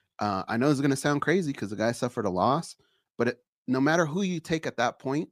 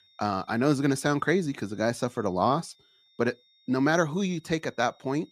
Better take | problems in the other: first | high-pitched whine; faint; throughout; 3.5 kHz, 35 dB below the speech

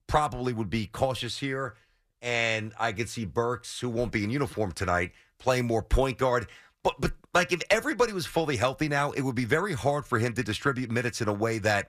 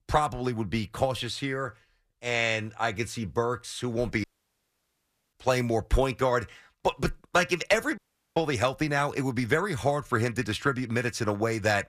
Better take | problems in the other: first | audio cutting out; at 4 s for 1 s and at 8 s

